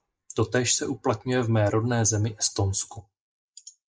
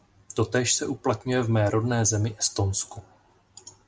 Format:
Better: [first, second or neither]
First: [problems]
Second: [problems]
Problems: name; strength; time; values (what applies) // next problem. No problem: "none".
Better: second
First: noise reduction (neural mask model Resemble Enhance denoiser)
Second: none